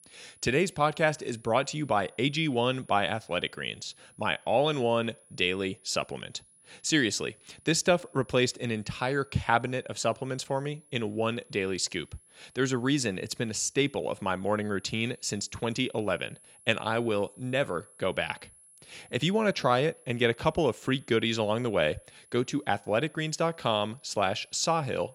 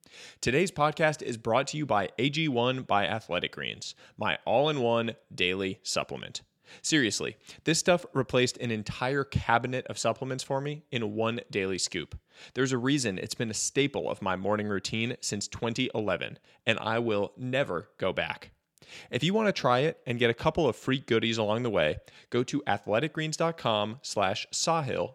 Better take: second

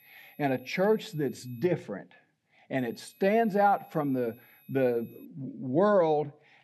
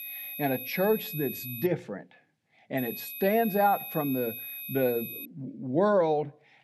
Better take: first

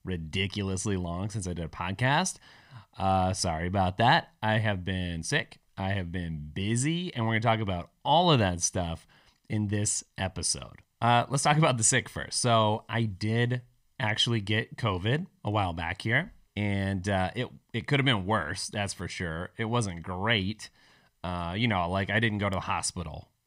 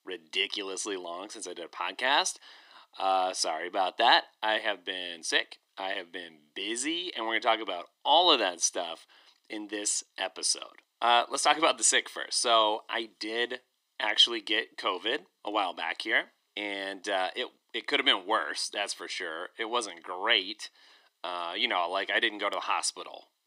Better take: first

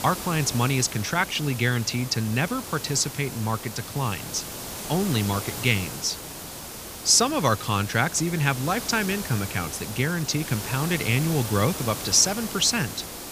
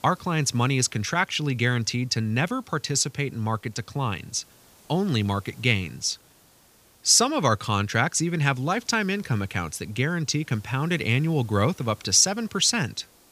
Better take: second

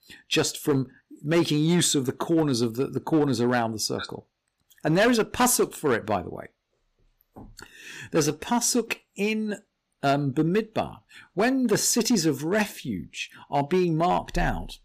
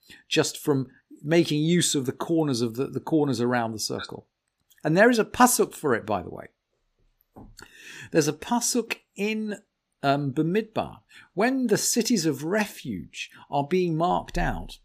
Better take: second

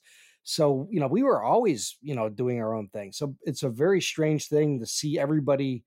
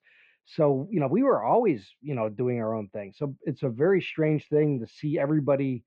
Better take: first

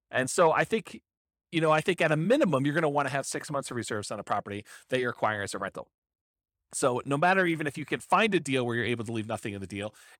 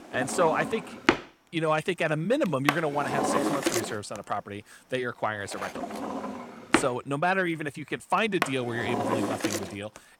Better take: first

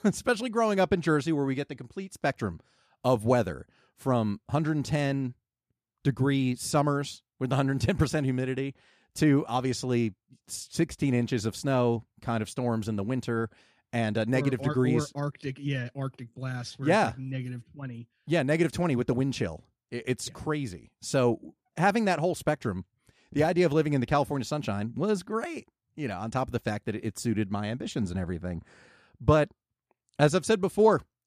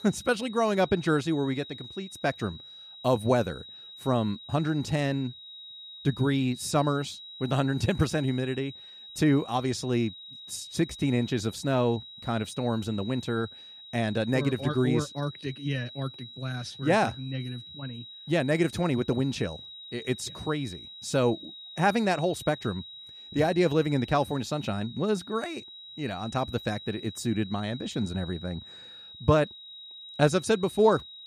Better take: first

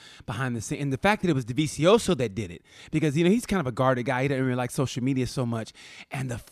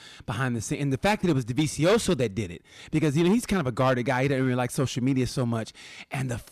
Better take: first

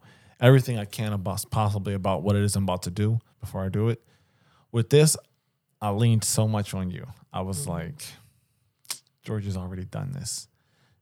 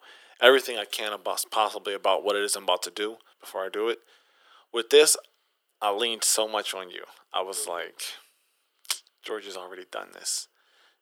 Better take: first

